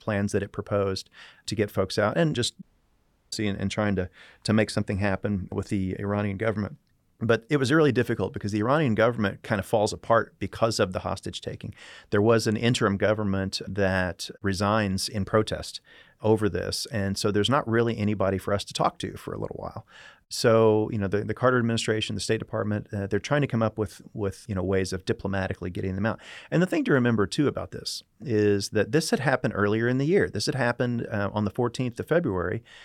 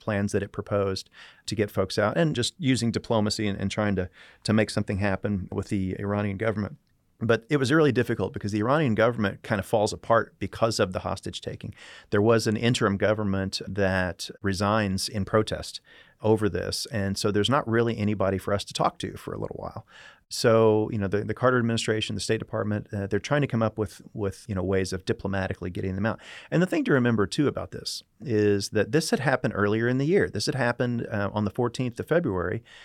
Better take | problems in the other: second | audio cutting out; at 2.5 s for 0.5 s

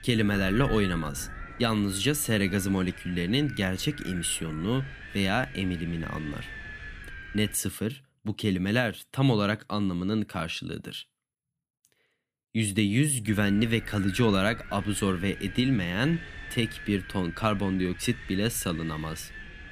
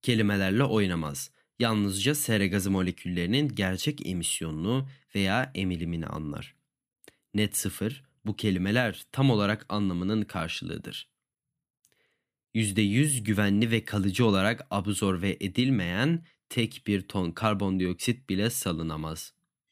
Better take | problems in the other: second | wind noise on the microphone; occasional gusts; until 7.5 s and from 13 s on; 10 dB below the speech

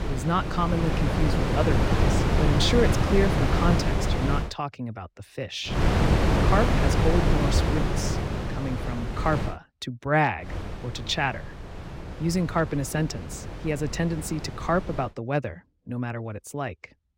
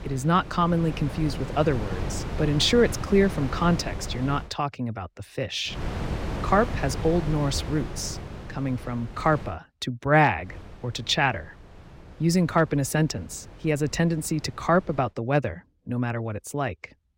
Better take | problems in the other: second | wind noise on the microphone; heavy; until 4.5 s, from 5.5 to 9.5 s and from 10 to 15 s; as loud as the speech; occasional gusts in the second

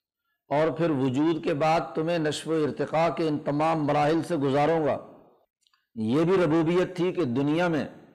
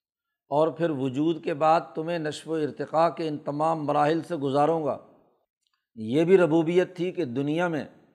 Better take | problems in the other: second | distortion; heavy; 7 dB below the speech

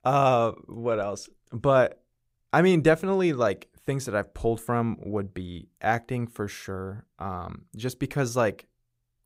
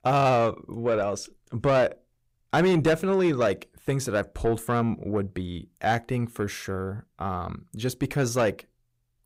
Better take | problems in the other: first | distortion; slight; 10 dB below the speech

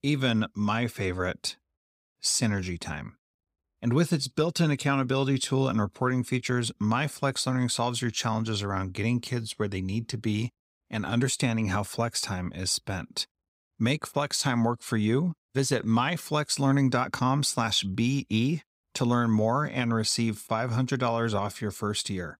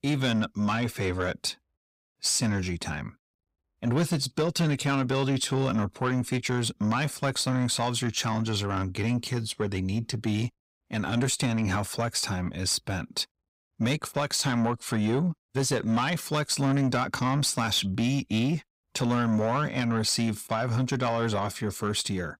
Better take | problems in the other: first | distortion; slight; 10 dB below the speech

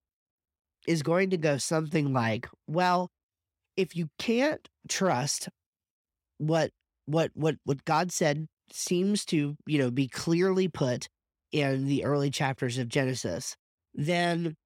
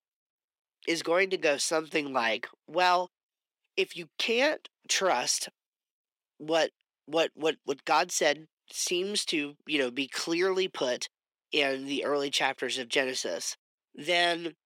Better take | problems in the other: first | thin; somewhat; fading below 350 Hz

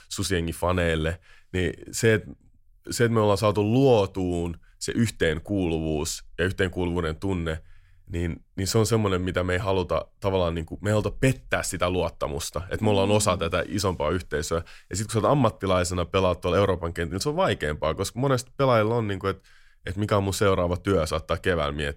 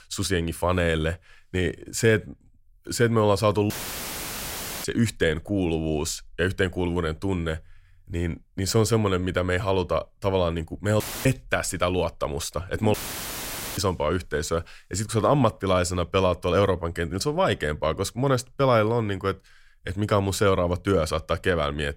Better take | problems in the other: first | audio cutting out; filled with static; at 3.5 s for 1 s, at 11 s and at 13 s for 1 s

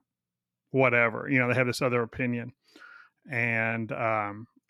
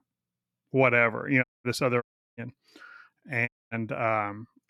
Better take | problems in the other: first | audio cutting out; at 1.5 s, at 2 s and at 3.5 s

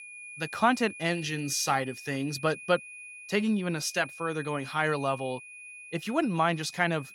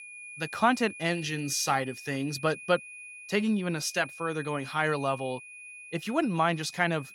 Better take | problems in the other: neither | high-pitched whine; noticeable; throughout; 2.5 kHz, 15 dB below the speech; the same in both

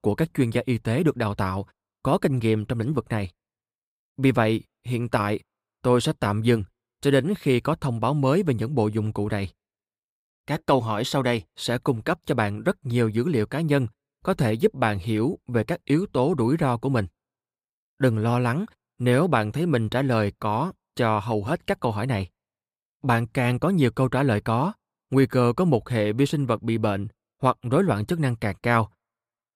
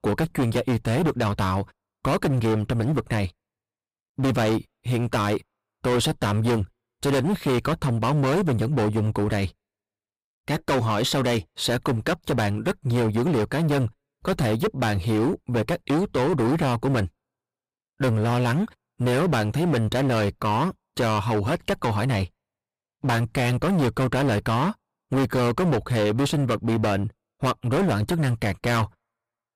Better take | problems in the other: first | distortion; heavy; 21% of the sound clipped

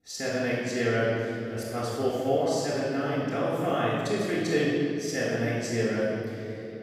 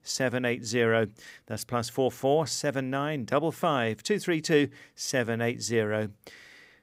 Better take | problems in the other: second | off-mic speech; far // room echo; strong; dies away in 2.8 s

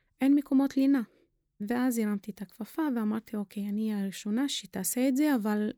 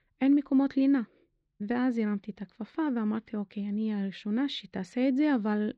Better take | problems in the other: first | muffled; slightly; fading above 4 kHz

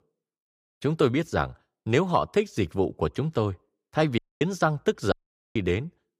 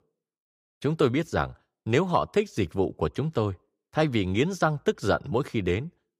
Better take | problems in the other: second | audio cutting out; at 4 s and at 5 s

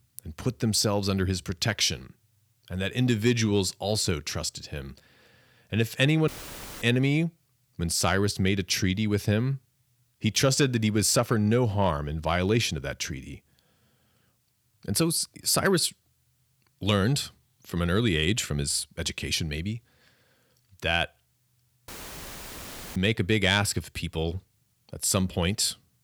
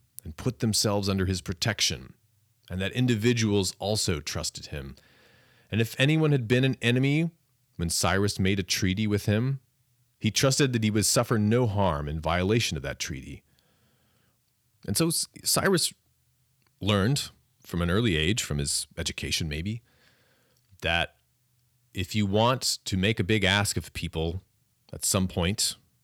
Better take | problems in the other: second | audio cutting out; filled with static; at 6.5 s for 0.5 s and at 22 s for 1 s

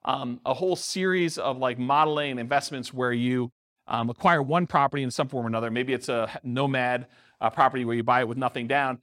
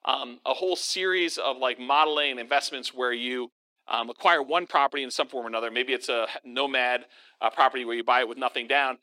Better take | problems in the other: first | thin; somewhat; fading below 300 Hz

